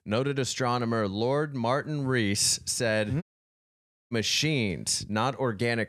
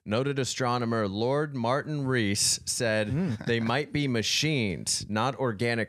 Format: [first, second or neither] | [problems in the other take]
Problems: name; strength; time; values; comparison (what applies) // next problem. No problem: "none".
second | audio cutting out; at 3 s for 1 s